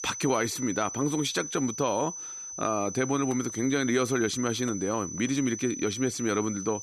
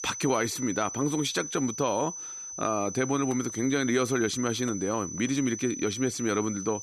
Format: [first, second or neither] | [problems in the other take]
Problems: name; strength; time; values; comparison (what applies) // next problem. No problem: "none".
neither | high-pitched whine; loud; throughout; 6 kHz, 7 dB below the speech; the same in both